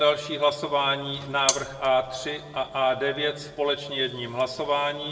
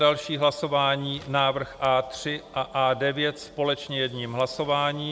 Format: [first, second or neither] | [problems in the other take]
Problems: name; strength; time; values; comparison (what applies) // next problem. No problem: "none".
second | background sound (Cutlery, silverware); 4 dB below the speech // room echo; dies away in 1 s